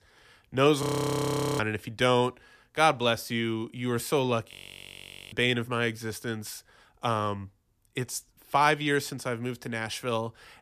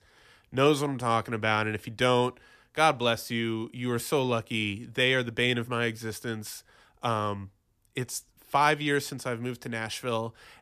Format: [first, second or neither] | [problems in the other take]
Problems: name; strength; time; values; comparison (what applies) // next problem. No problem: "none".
second | audio freezing; at 1 s for 1 s and at 4.5 s for 1 s